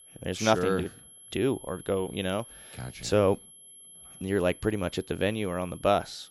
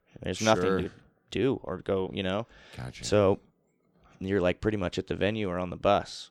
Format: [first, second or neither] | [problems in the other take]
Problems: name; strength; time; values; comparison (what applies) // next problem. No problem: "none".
second | high-pitched whine; noticeable; throughout; 11 kHz, 20 dB below the speech